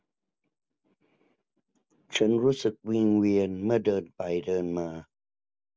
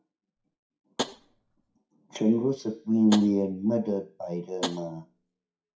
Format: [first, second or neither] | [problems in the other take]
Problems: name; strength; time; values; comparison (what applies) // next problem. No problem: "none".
first | noise reduction (classical method WPE with log-MMSE)